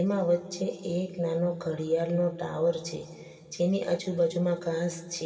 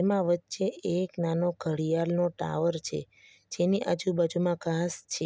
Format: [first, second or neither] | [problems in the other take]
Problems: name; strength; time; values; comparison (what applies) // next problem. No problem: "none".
second | room echo; dies away in 2.5 s